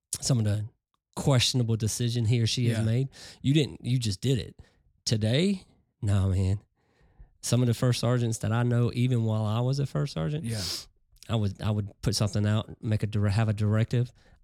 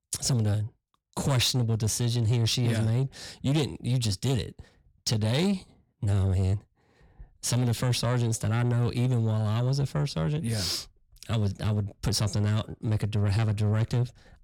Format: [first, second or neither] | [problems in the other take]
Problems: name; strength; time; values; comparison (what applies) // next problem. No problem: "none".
first | distortion; slight; 10 dB below the speech